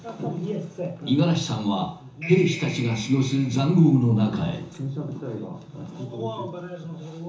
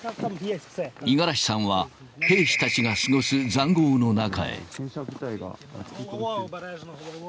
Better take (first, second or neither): second